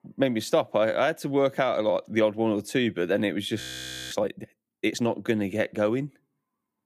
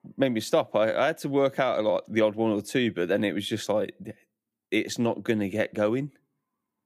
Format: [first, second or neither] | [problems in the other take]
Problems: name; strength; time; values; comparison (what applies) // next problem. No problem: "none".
second | audio freezing; at 3.5 s for 0.5 s